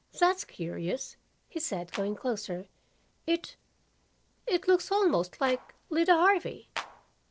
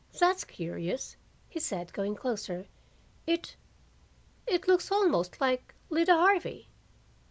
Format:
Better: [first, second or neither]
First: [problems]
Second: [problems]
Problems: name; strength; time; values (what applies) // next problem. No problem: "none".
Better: second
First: noise reduction (neural separator model SepFormer DNS4)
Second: none